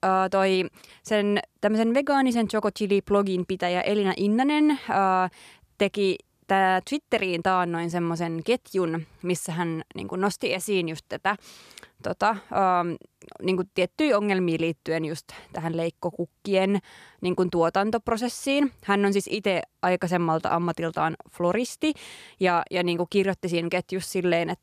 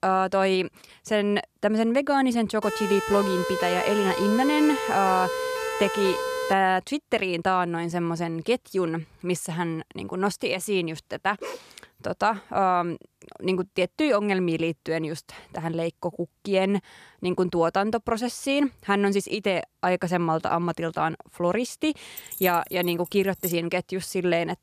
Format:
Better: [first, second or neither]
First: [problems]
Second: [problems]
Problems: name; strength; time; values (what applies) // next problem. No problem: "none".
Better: first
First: none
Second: siren; noticeable; from 2.5 to 6.5 s; peak 2 dB below the speech // dog barking; faint; at 11 s; peak 10 dB below the speech // jangling keys; noticeable; from 22 to 24 s; peak 7 dB below the speech